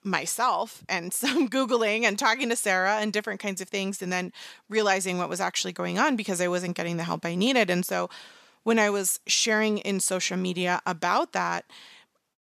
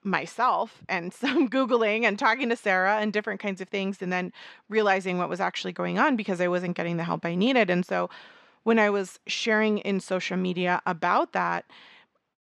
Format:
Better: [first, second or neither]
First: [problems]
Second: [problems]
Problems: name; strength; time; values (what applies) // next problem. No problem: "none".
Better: first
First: none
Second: muffled; slightly; fading above 3 kHz